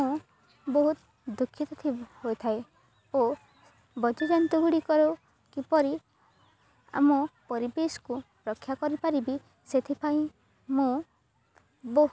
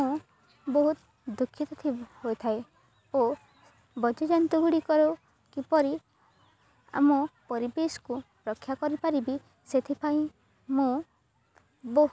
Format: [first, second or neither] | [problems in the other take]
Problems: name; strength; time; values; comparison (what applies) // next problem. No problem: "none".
second | background sound (Piano); 17 dB below the speech